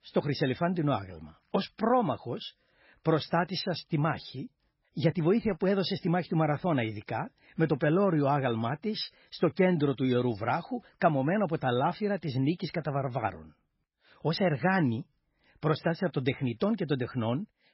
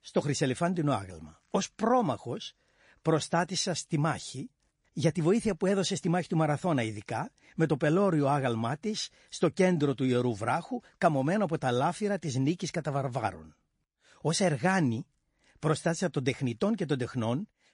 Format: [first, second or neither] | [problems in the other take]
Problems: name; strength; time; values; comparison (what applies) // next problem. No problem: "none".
second | garbled, watery; badly; nothing above 5.5 kHz; slightly in the second